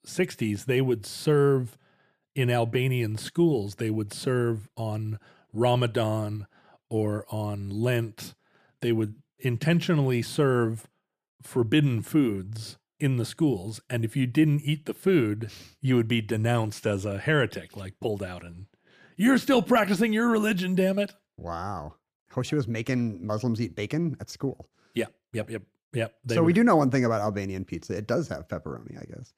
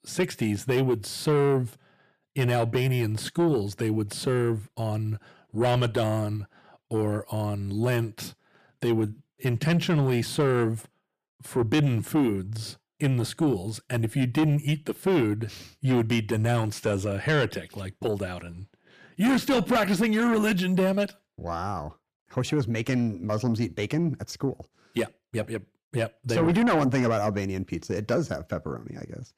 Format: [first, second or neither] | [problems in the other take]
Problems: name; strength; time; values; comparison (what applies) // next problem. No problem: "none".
first | distortion; slight; 10 dB below the speech